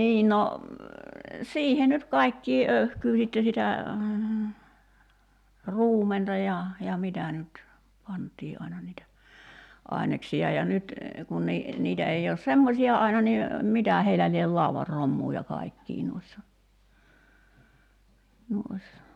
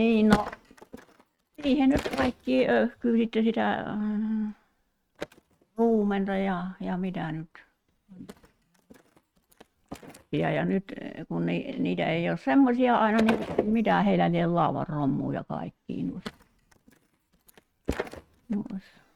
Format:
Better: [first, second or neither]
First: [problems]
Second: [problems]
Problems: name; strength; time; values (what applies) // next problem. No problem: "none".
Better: first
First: none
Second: noise reduction (neural mask model RNNoise)